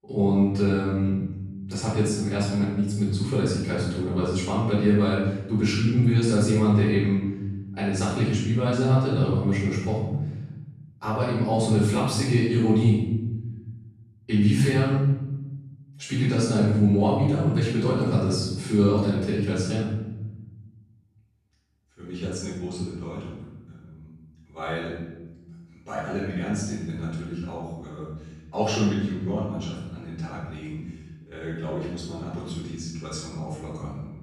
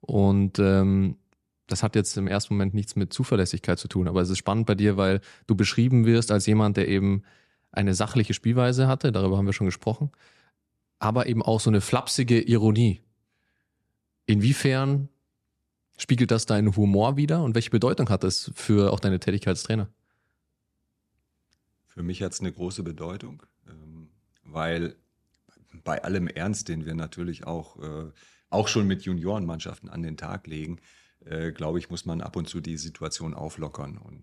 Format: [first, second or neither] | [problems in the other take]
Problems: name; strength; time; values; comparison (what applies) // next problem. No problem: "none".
second | off-mic speech; far // room echo; strong; dies away in 1.1 s